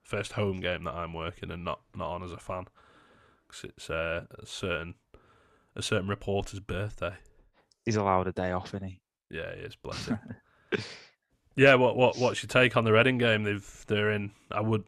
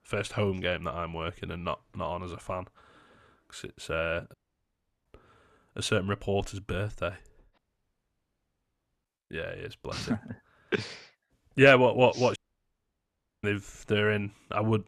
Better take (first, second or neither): first